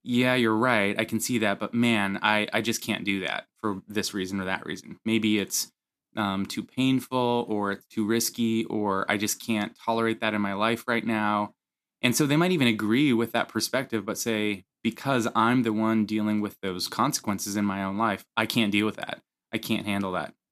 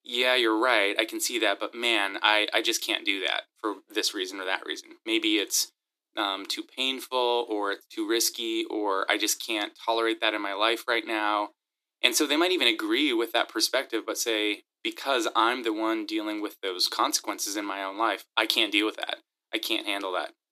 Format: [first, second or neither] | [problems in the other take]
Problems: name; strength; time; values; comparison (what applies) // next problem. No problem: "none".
first | thin; very; fading below 300 Hz